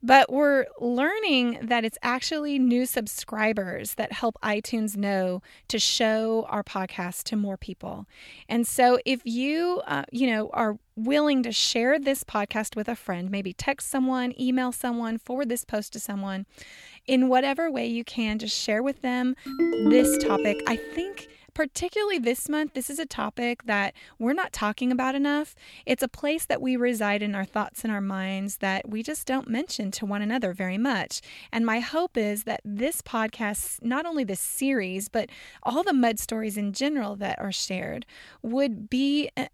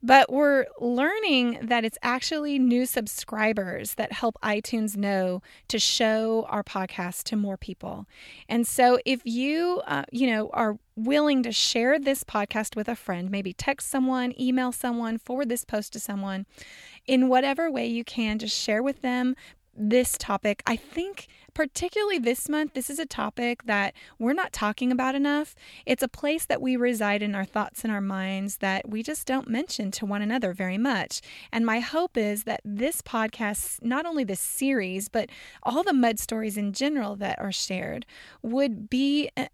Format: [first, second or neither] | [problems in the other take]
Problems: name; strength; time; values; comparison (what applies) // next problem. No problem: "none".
second | phone ringing; loud; from 19 to 21 s; peak 5 dB above the speech